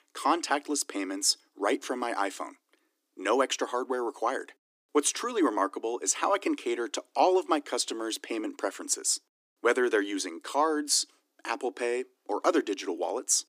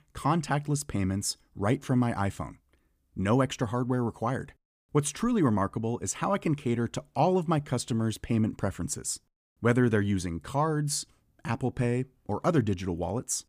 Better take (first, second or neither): second